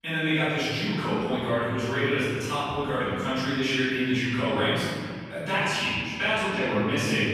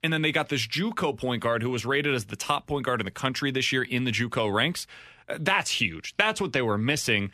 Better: second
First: off-mic speech; far // room echo; strong; dies away in 1.9 s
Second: none

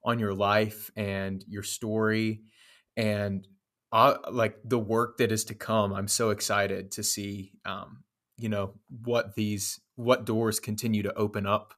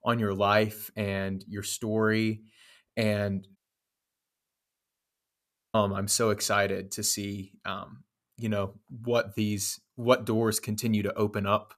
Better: first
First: none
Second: audio cutting out; at 3.5 s for 2 s

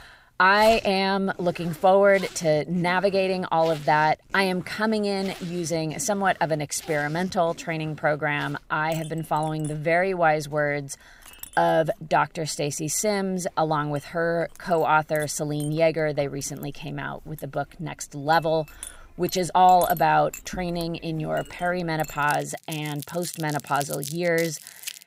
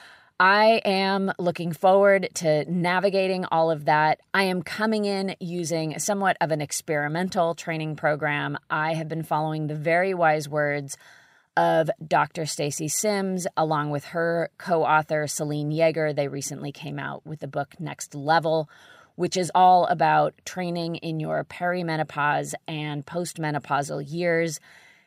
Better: second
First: household noises; noticeable; throughout; 15 dB below the speech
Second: none

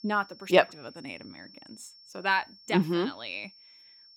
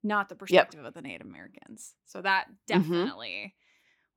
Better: second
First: high-pitched whine; faint; throughout; 5.5 kHz, 25 dB below the speech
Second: none

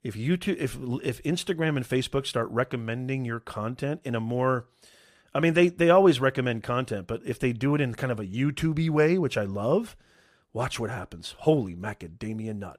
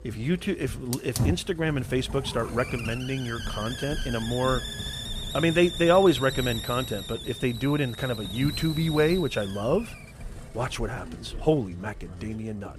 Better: first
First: none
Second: hiss; loud; throughout; 8 dB below the speech

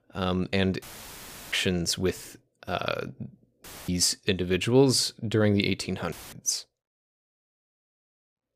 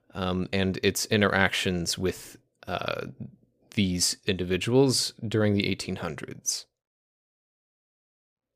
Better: second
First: audio cutting out; filled with static; at 1 s for 0.5 s, at 3.5 s and at 6 s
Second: none

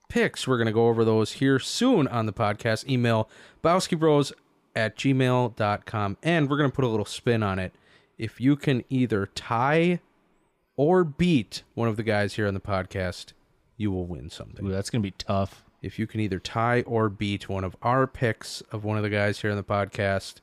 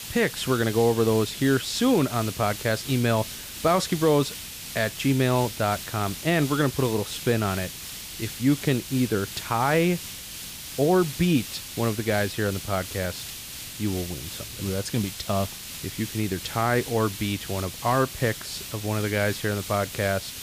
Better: first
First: none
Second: hiss; loud; throughout; 9 dB below the speech

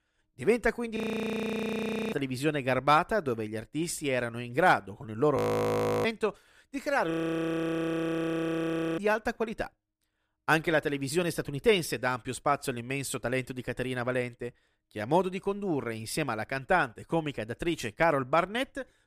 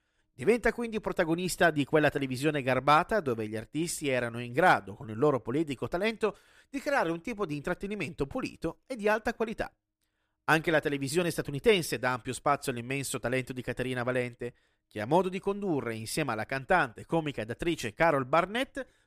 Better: second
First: audio freezing; at 1 s for 1 s, at 5.5 s for 0.5 s and at 7 s for 2 s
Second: none

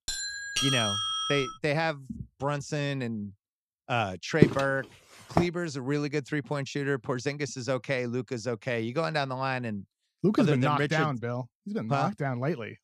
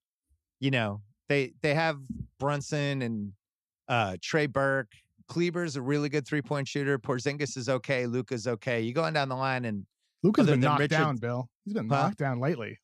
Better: second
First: doorbell; loud; until 1.5 s; peak 4 dB above the speech // footsteps; loud; at 4.5 s; peak 4 dB above the speech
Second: none

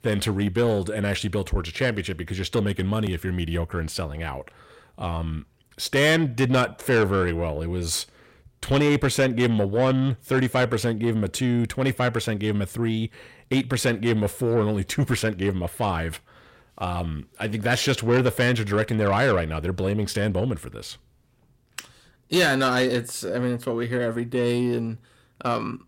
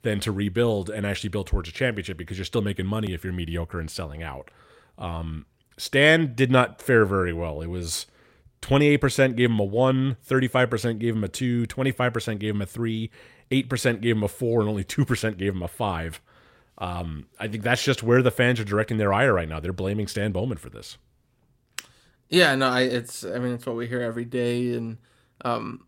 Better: second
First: distortion; slight; 10 dB below the speech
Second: none

